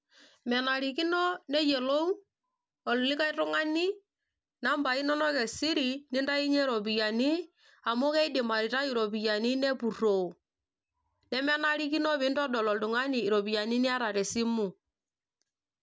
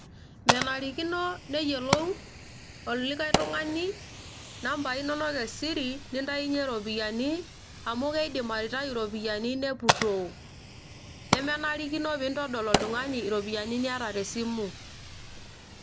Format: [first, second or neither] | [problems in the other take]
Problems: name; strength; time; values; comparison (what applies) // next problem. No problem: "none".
first | background sound (Fire); 3 dB below the speech